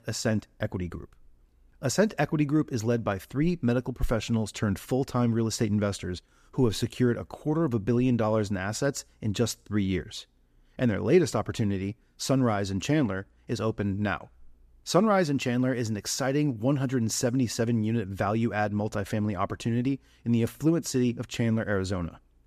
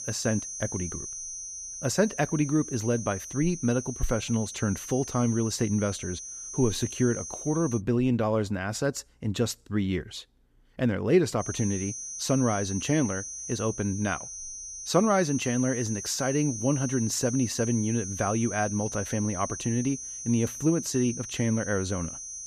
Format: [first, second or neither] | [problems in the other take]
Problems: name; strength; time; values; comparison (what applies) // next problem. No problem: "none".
first | high-pitched whine; loud; until 8 s and from 11 s on; 6 kHz, 8 dB below the speech